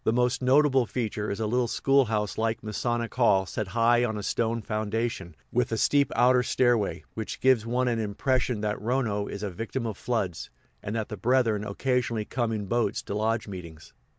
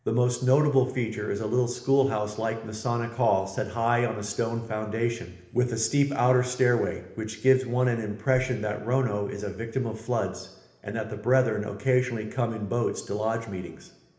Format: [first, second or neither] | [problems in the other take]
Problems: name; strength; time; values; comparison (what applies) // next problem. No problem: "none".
first | room echo; dies away in 1 s